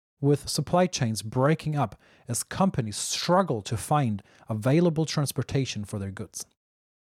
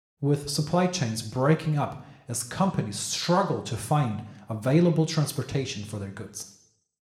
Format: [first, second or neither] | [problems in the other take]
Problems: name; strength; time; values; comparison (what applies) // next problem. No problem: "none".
first | room echo; very slight; dies away in 0.7 s